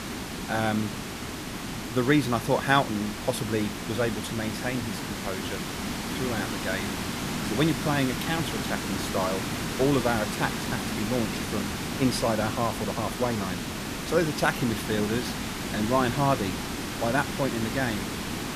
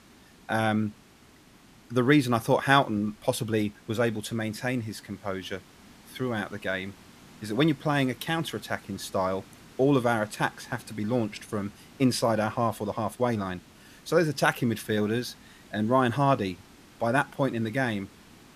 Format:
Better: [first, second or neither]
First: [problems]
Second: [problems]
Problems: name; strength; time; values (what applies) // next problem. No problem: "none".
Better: second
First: hiss; loud; throughout; 3 dB below the speech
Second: hiss; faint; throughout; 25 dB below the speech